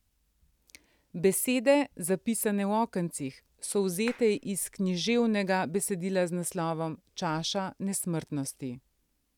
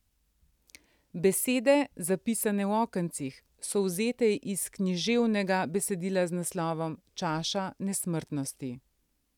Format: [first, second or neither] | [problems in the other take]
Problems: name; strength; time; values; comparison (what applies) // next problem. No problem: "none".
second | background sound (Clapping); 19 dB below the speech